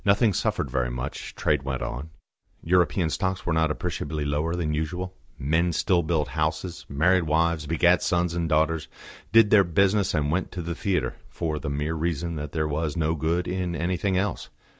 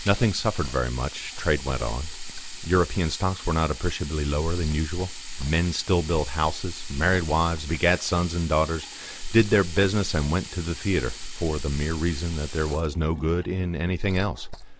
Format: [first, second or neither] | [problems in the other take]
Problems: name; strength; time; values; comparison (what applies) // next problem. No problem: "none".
first | background sound (Sink (filling or washing) + Liquid); 10 dB below the speech